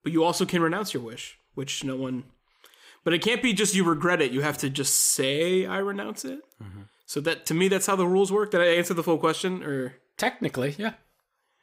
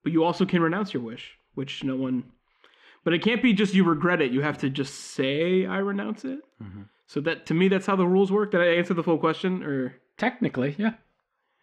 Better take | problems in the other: first | muffled; slightly; fading above 2.5 kHz

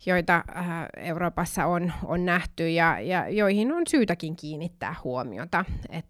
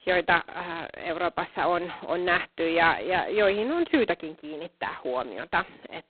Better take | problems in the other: first | phone-call audio; poor line; nothing above 4 kHz

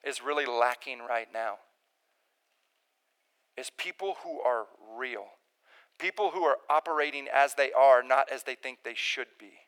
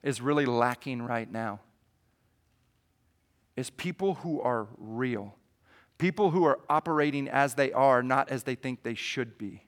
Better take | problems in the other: second | thin; very; fading below 450 Hz

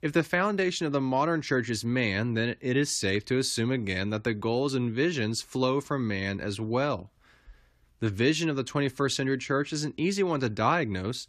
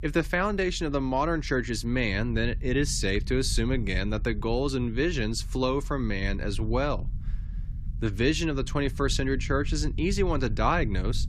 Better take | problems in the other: first | low rumble; faint; throughout; 25 dB below the speech

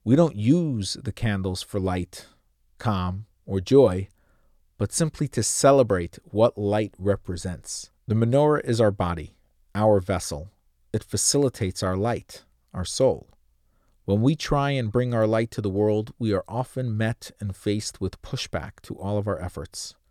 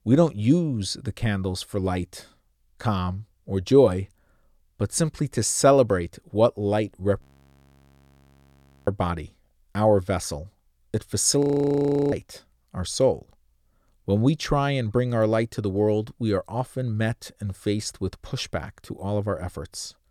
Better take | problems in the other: first | audio freezing; at 7 s for 1.5 s and at 11 s for 0.5 s

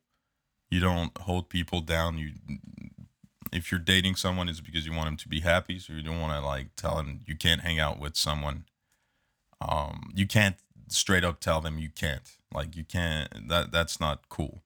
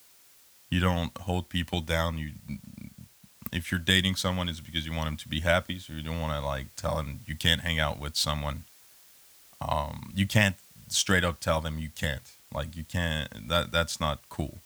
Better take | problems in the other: first | hiss; faint; throughout; 25 dB below the speech

